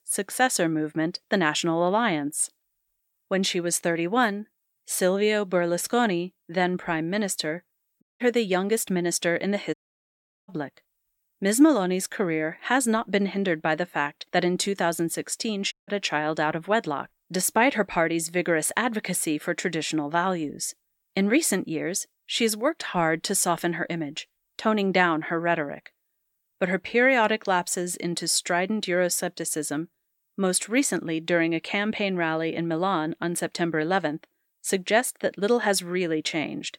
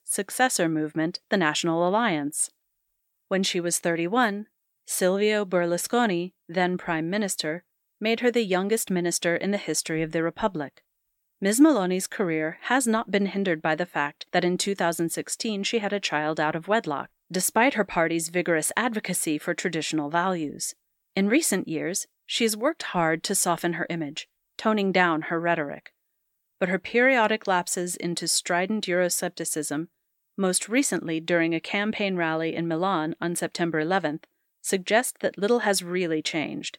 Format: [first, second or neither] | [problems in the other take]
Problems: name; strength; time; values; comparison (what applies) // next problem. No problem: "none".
second | audio cutting out; at 8 s, at 9.5 s for 0.5 s and at 16 s